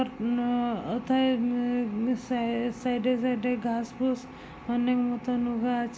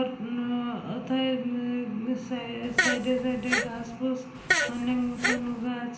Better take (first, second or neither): first